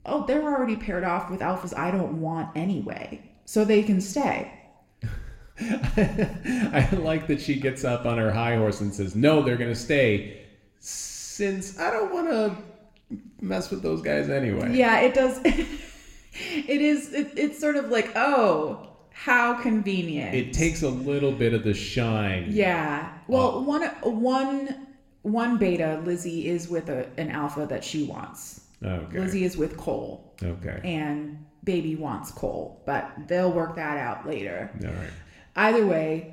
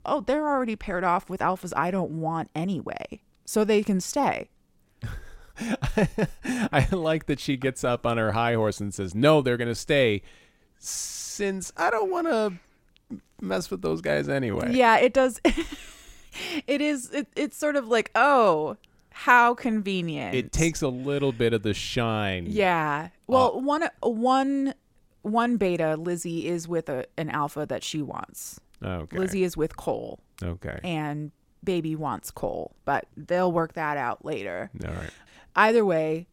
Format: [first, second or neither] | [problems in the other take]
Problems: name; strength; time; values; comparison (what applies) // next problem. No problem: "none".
second | room echo; very slight; dies away in 0.7 s